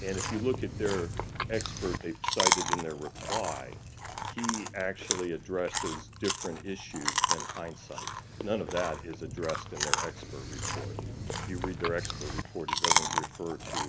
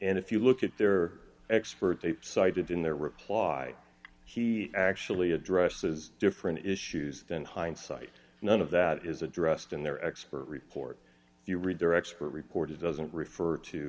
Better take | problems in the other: second | background sound (Chewing, mastication); 2 dB above the speech

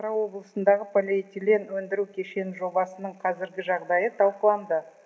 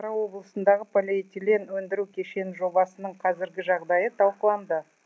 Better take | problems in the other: second | room echo; dies away in 1.2 s

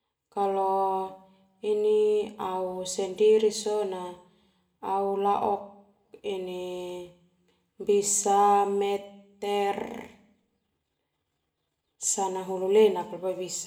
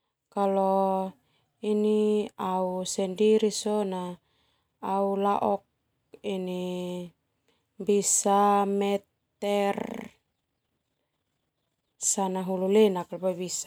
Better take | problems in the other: second | room echo; dies away in 0.6 s

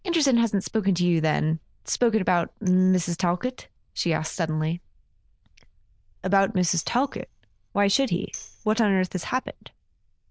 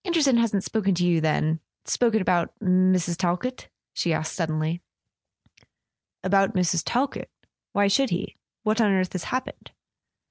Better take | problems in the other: second | noise reduction (neural diffusion model UNIVERSE++)

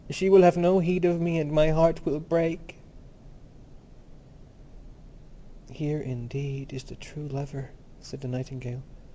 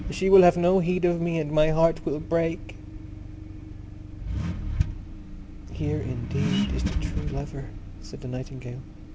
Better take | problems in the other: first | background sound (Accelerating, revving, vroom); 5 dB below the speech

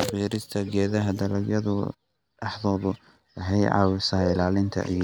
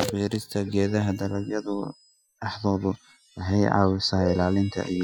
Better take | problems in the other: first | noise reduction (classical method Wiener filter)

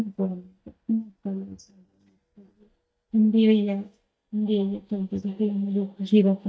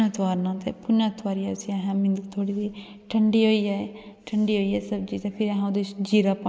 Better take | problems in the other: second | noise reduction (neural mask model DeepFilterNet 3)

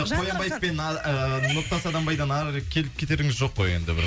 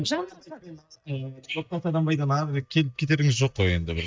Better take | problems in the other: first | noise reduction (neural mask model DeepFilterNet 3)

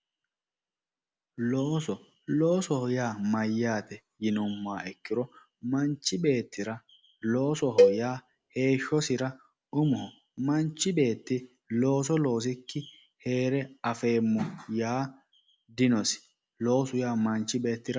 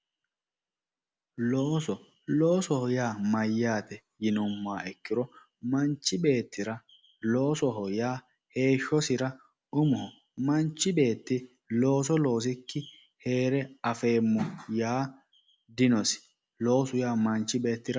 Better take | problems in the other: second | background sound (Cowbell); 2 dB above the speech

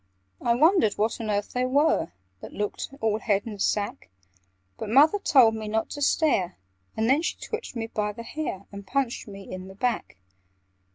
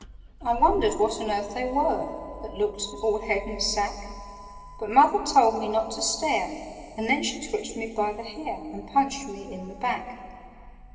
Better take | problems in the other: first | background sound (Motor vehicle (road)); 15 dB below the speech // room echo; dies away in 2.6 s

